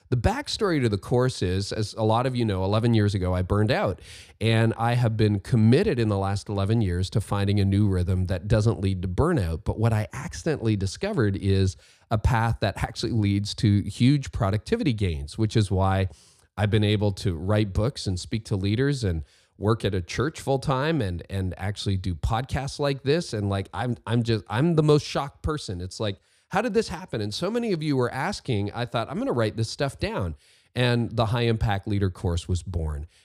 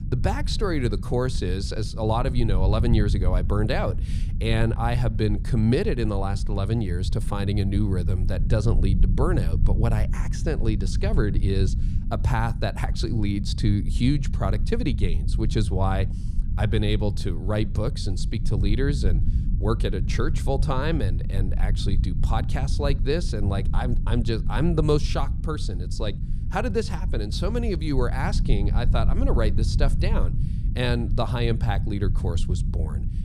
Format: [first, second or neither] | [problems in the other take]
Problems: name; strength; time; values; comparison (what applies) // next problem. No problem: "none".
first | low rumble; noticeable; throughout; 10 dB below the speech